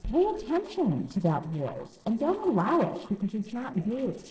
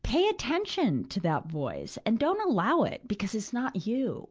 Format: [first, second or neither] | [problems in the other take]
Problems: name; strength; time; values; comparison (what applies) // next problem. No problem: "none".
second | noise reduction (neural separator model SepFormer DNS4)